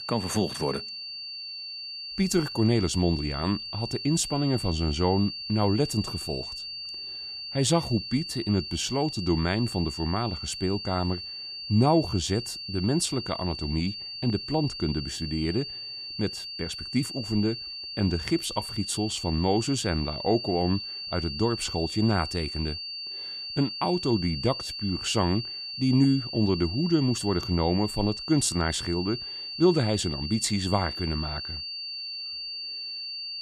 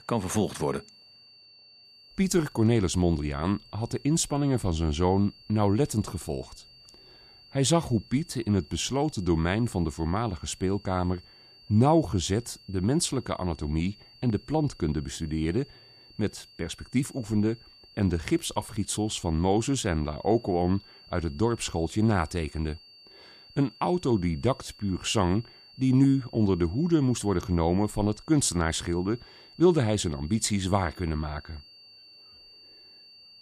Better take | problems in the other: second | high-pitched whine; loud; throughout; 4.5 kHz, 6 dB below the speech; faint in the second

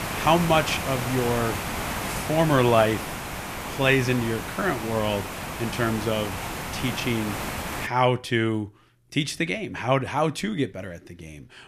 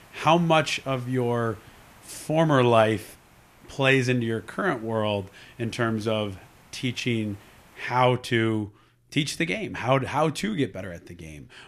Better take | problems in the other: second | hiss; loud; until 8 s; 6 dB below the speech; faint in the second

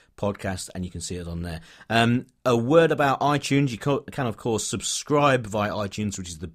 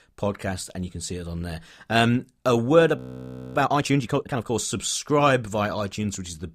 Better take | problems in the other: first | audio freezing; at 3 s for 0.5 s

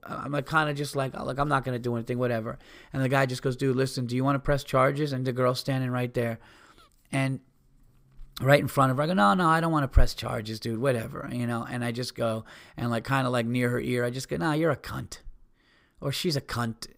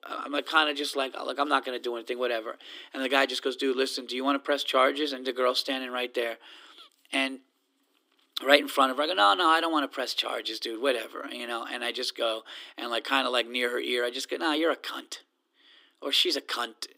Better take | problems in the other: first | thin; somewhat; fading below 250 Hz

